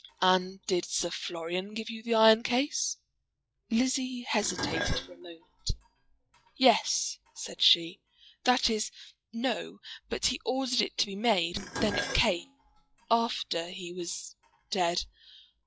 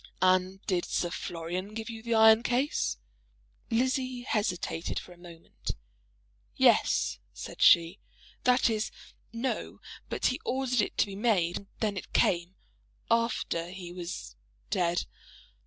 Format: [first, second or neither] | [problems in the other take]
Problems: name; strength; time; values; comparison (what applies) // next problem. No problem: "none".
second | noise reduction (classical method log-MMSE)